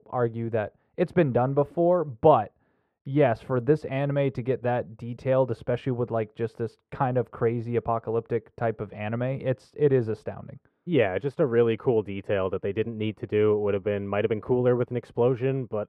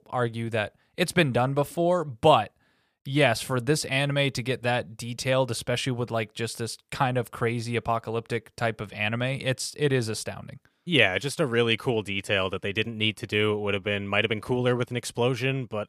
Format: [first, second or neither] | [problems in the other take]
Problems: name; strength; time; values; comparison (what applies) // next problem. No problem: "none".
second | muffled; very; fading above 3 kHz